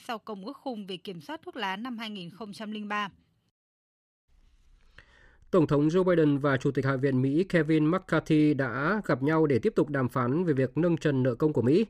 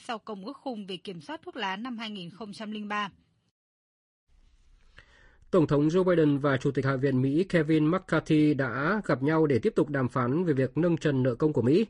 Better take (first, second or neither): first